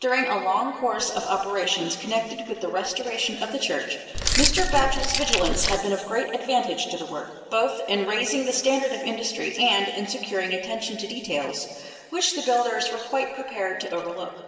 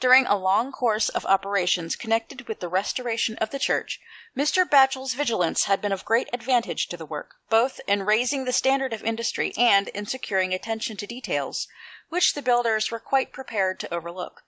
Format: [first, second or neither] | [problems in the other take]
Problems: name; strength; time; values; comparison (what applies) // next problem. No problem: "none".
second | background sound (Keys jangling); 2 dB above the speech // room echo; dies away in 1.8 s